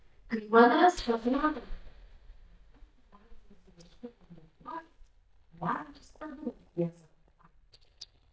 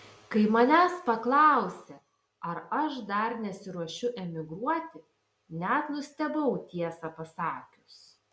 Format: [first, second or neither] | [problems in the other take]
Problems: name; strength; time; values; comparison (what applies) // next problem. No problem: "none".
second | noise reduction (neural mask model DeepFilterNet 3)